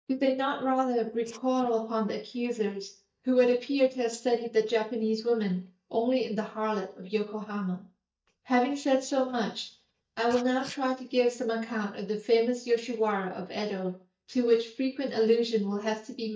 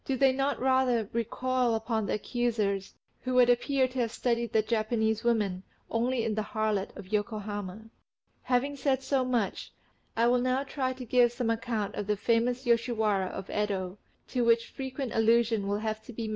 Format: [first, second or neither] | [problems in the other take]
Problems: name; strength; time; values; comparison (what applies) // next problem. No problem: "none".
second | noise reduction (neural mask model DeepFilterNet 3)